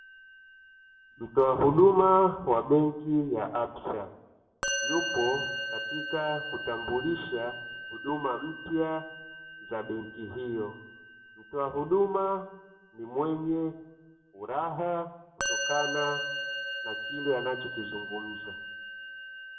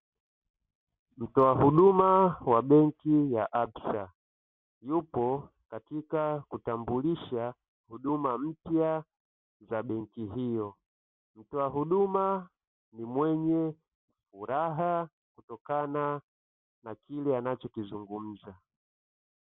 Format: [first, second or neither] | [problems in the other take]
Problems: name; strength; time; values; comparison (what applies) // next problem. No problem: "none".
second | background sound (Musical instrument); 8 dB below the speech // room echo; dies away in 0.7 s